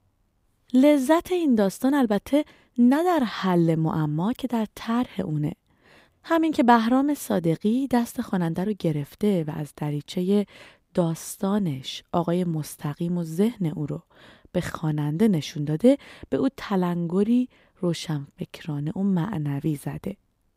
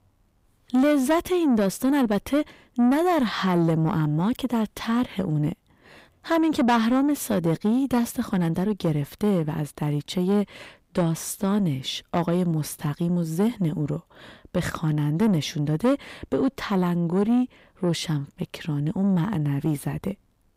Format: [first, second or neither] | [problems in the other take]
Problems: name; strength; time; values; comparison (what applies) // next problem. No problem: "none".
first | distortion; slight; 10 dB below the speech